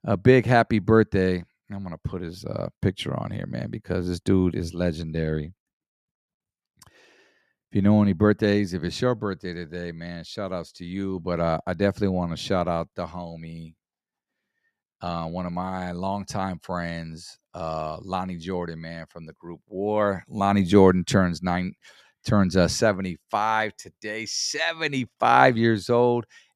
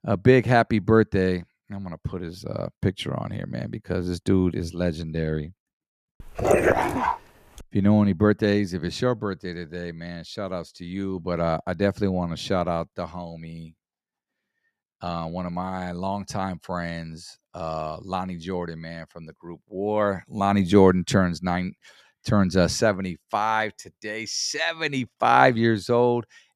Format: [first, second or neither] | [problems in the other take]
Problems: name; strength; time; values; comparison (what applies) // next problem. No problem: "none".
first | dog barking; loud; at 6.5 s; peak 5 dB above the speech